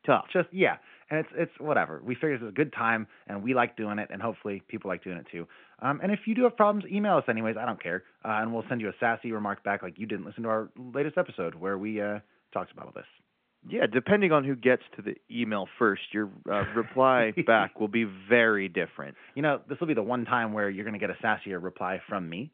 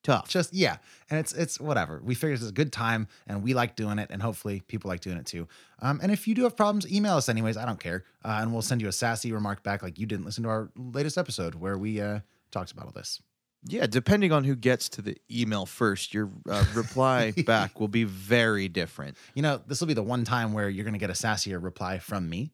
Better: second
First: phone-call audio; nothing above 3.5 kHz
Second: none

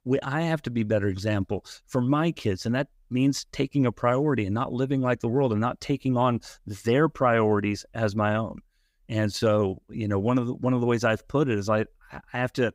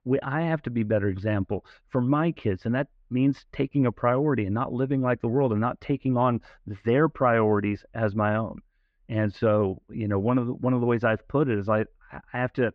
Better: first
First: none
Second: muffled; very; fading above 2.5 kHz

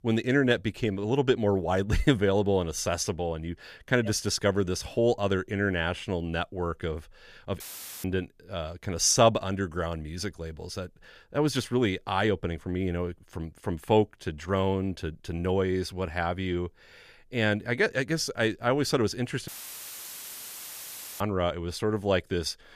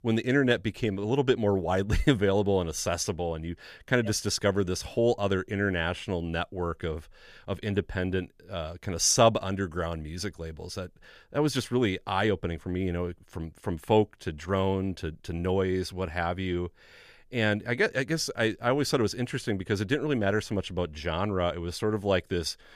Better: second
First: audio cutting out; filled with static; at 7.5 s and at 19 s for 1.5 s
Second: none

